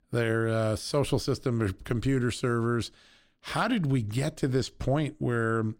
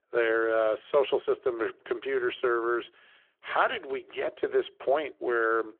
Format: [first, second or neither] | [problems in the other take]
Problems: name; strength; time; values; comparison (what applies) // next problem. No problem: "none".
first | phone-call audio